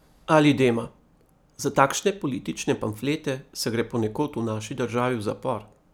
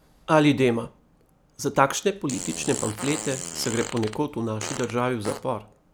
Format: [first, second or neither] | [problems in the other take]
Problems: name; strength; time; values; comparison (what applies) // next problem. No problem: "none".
first | background sound (Fart); 10 dB below the speech